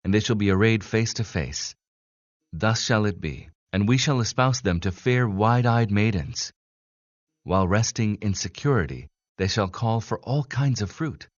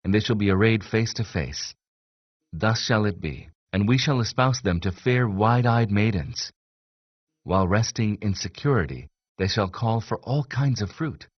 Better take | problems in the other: first | garbled, watery; badly; nothing above 6 kHz; slightly in the first

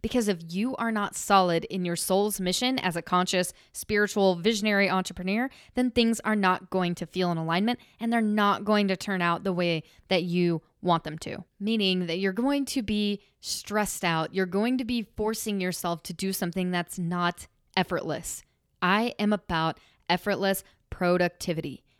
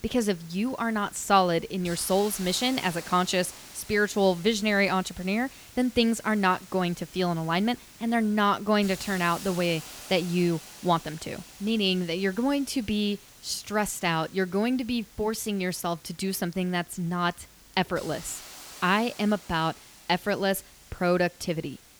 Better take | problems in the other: first | hiss; noticeable; throughout; 20 dB below the speech

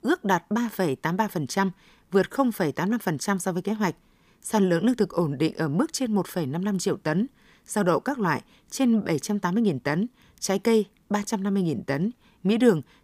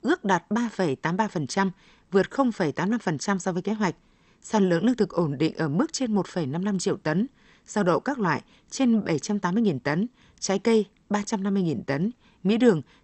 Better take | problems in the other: first | garbled, watery; slightly; nothing above 8 kHz

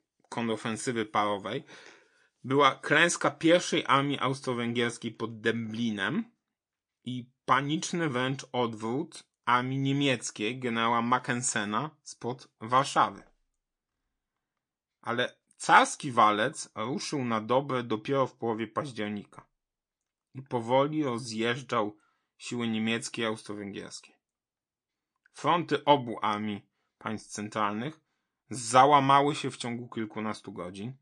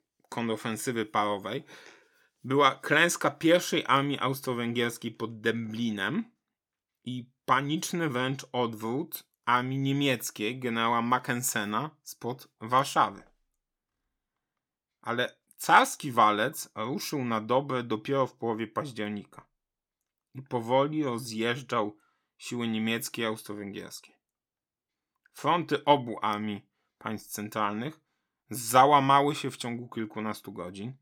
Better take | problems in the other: second | garbled, watery; slightly; nothing above 9 kHz

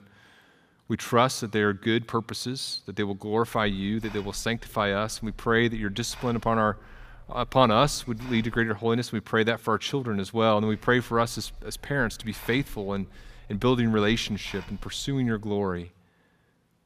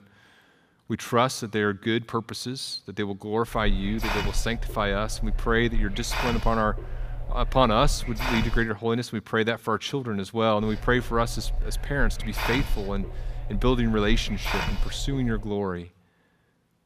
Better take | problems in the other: first | hiss; loud; from 3.5 to 8.5 s and from 11 to 15 s; 6 dB below the speech; faint in the first

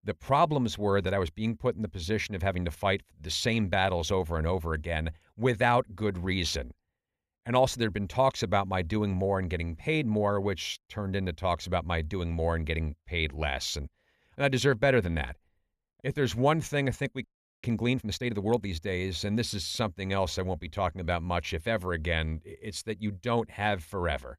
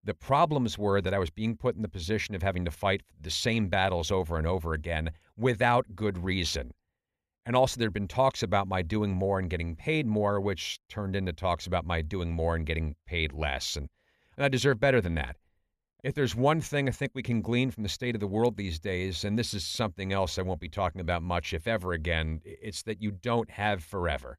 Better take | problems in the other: second | audio freezing; at 17 s

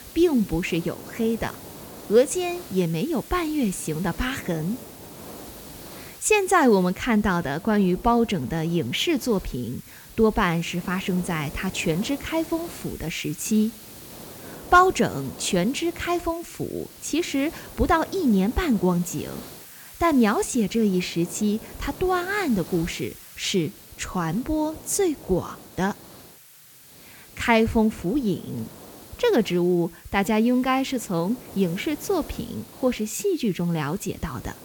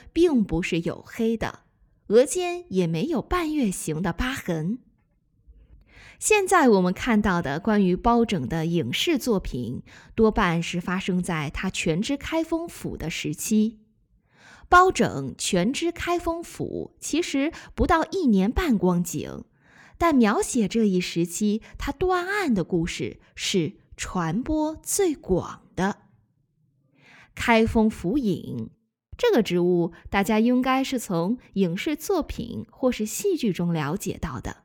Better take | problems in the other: second | hiss; noticeable; throughout; 15 dB below the speech

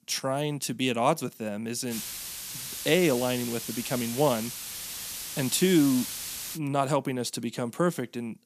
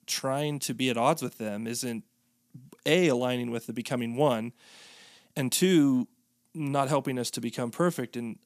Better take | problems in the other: second | hiss; loud; from 2 to 6.5 s; 7 dB below the speech

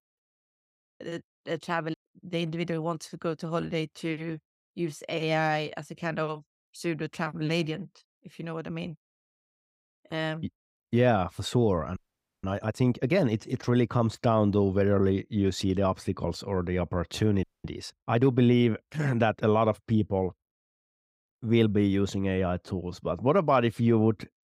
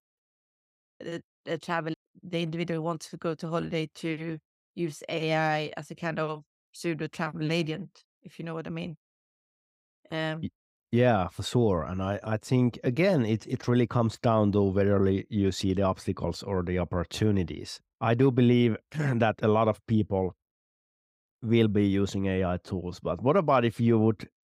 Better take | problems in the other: second | audio freezing; at 12 s and at 17 s

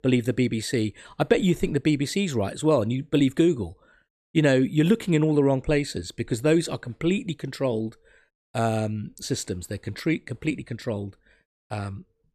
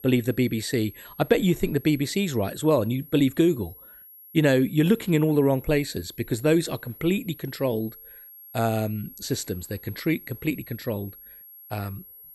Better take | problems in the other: first | high-pitched whine; noticeable; throughout; 11.5 kHz, 20 dB below the speech

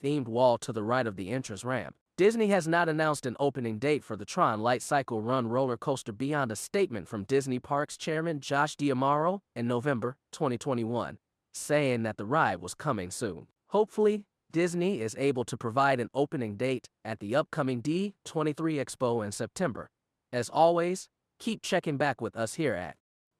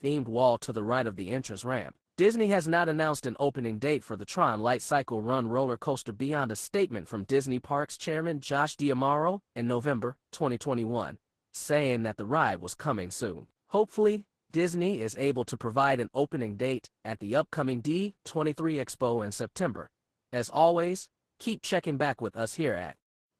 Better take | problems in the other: first | garbled, watery; slightly; nothing above 14.5 kHz

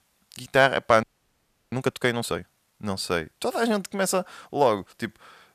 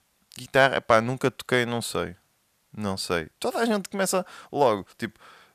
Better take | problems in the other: second | audio freezing; at 1 s for 0.5 s

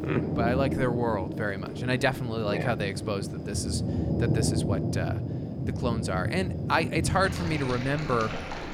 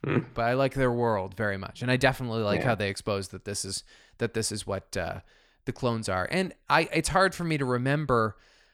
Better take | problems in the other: second | rain or running water; loud; throughout; 2 dB below the speech

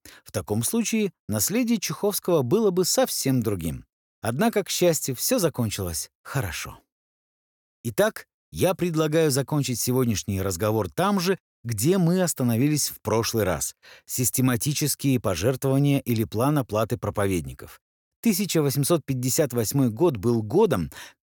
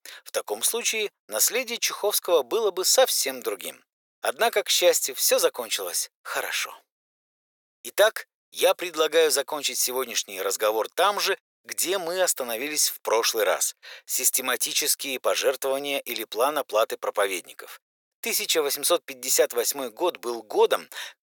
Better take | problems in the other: first | thin; very; fading below 500 Hz

